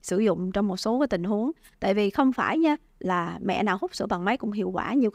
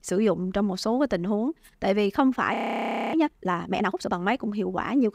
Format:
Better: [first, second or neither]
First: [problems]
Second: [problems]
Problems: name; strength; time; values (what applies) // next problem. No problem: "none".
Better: first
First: none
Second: audio freezing; at 2.5 s for 0.5 s